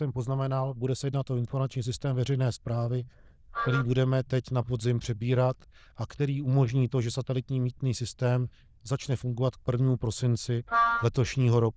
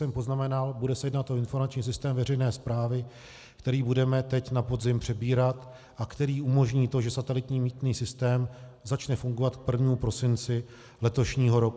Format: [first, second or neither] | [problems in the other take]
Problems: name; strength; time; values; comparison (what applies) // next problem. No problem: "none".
second | noise reduction (neural diffusion model UNIVERSE++)